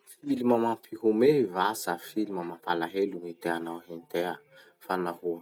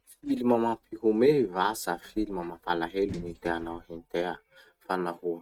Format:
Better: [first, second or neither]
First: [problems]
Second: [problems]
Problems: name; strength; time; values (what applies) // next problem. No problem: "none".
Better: first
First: none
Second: noise reduction (neural mask model RNNoise)